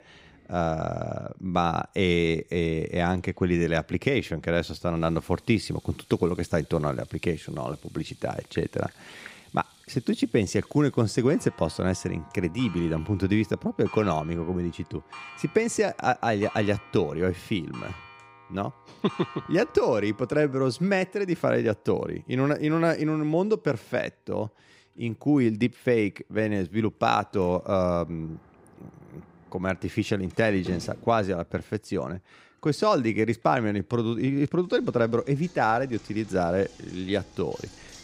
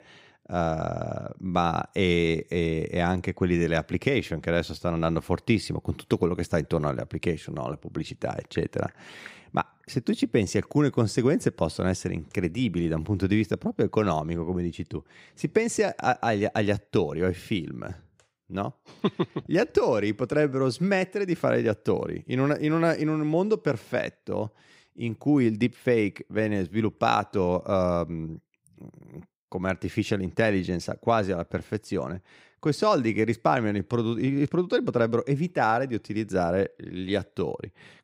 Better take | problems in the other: second | household noises; faint; throughout; 20 dB below the speech

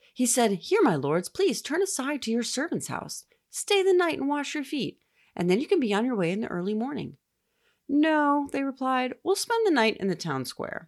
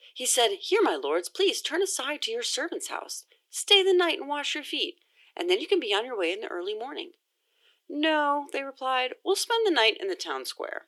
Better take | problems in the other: first | thin; somewhat; fading below 350 Hz

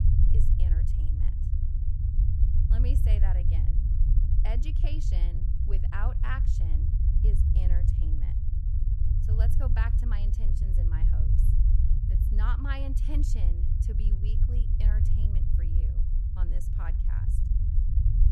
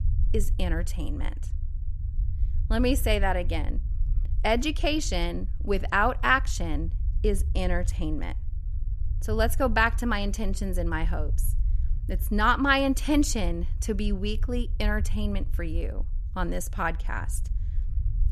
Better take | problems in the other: second | low rumble; loud; throughout; 1 dB below the speech; faint in the second

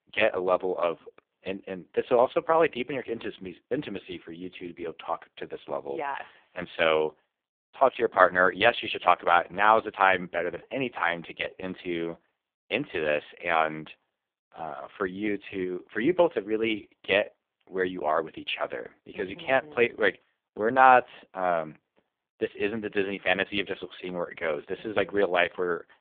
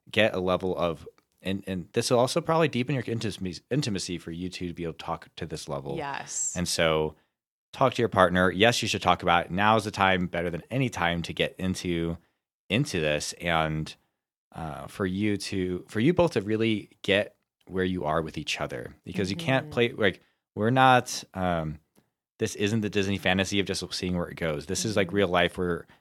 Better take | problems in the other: second | phone-call audio; poor line

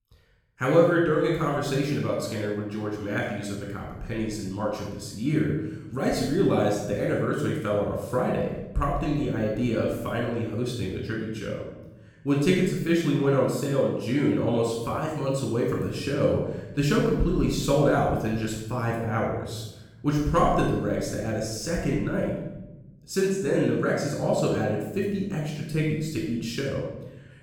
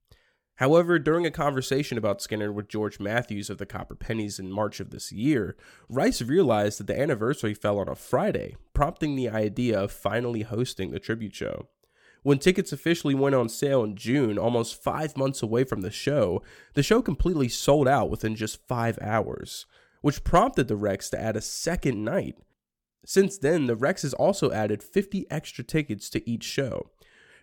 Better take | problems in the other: second | off-mic speech; far // room echo; noticeable; dies away in 0.9 s

